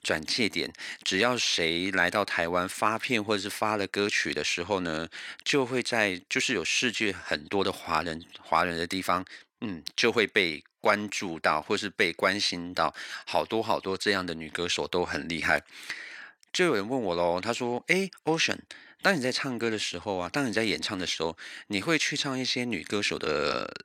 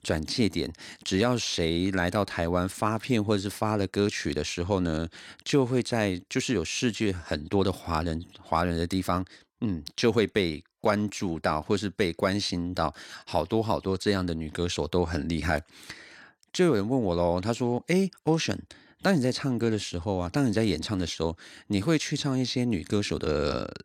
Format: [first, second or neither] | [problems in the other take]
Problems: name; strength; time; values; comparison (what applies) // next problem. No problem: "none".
second | thin; somewhat; fading below 450 Hz